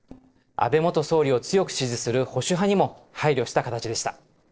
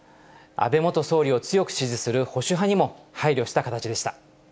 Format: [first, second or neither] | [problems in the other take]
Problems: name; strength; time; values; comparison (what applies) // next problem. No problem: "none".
second | noise reduction (neural separator model SepFormer DNS4)